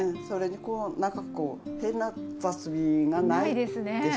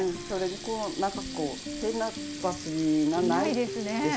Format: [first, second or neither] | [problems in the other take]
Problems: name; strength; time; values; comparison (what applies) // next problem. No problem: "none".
first | background sound (Water tap, faucet); 13 dB below the speech